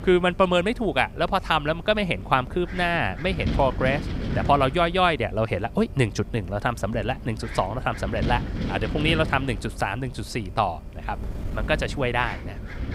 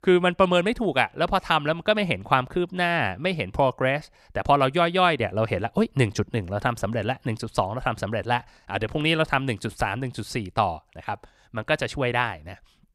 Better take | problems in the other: second | wind noise on the microphone; occasional gusts; 15 dB below the speech

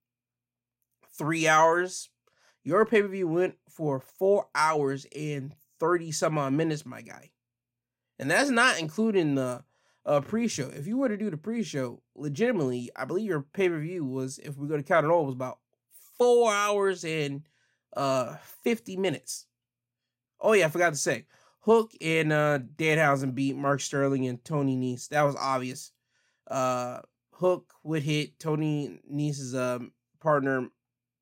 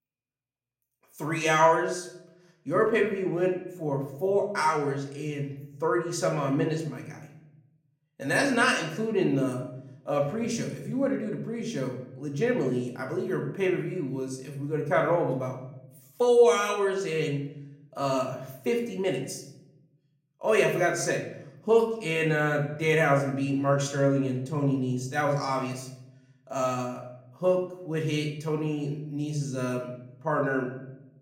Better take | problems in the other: first | room echo; slight; dies away in 0.7 s // off-mic speech; somewhat distant

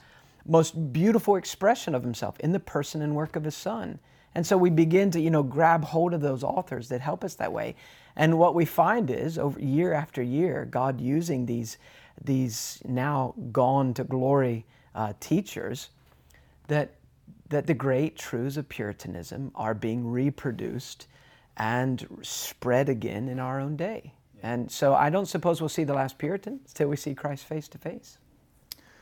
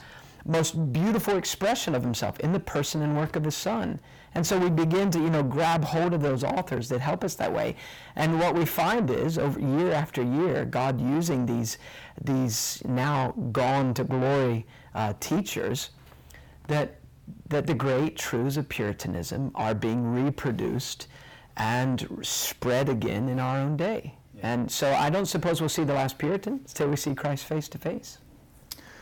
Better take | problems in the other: first | distortion; heavy; 6 dB below the speech

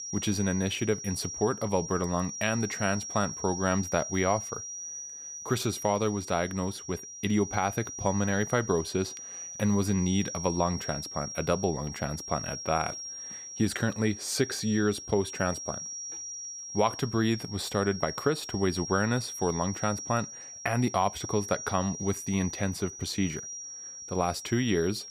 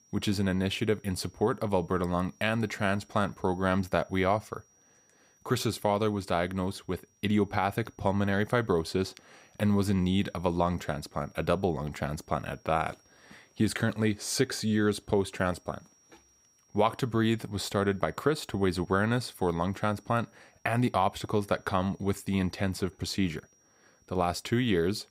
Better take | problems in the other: second | high-pitched whine; loud; throughout; 5.5 kHz, 8 dB below the speech; faint in the second

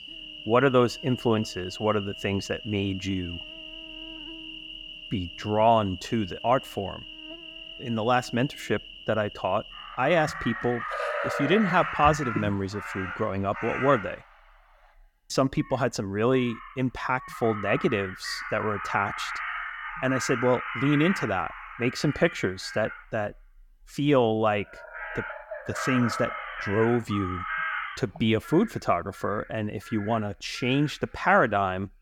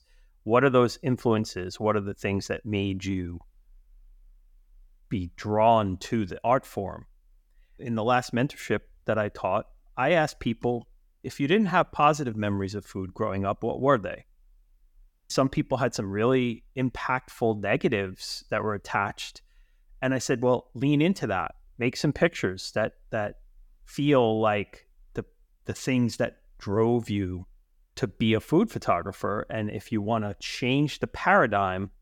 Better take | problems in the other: second | animal sounds; loud; throughout; 9 dB below the speech

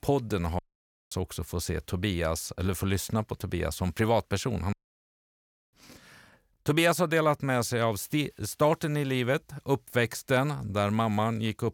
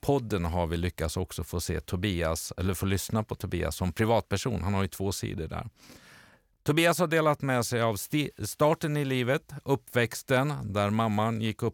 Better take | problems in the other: second | audio cutting out; at 0.5 s for 0.5 s and at 4.5 s for 1 s

